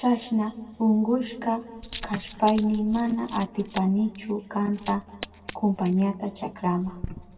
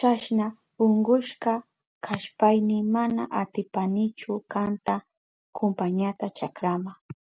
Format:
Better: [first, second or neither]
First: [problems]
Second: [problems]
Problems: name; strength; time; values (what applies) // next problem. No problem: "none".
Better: second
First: background sound (Coin (dropping)); 17 dB below the speech // room echo; dies away in 1.7 s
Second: none